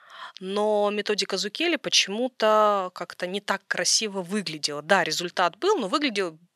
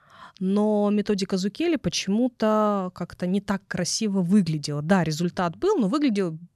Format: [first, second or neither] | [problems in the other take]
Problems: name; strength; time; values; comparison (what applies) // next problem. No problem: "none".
second | thin; somewhat; fading below 500 Hz